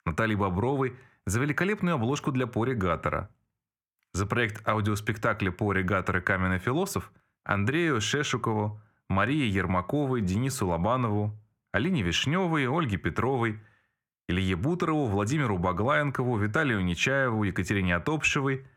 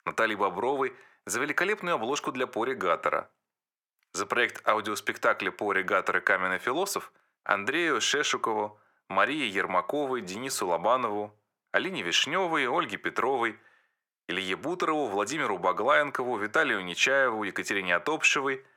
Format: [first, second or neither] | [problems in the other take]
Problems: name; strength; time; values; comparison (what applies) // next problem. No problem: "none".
first | thin; very; fading below 500 Hz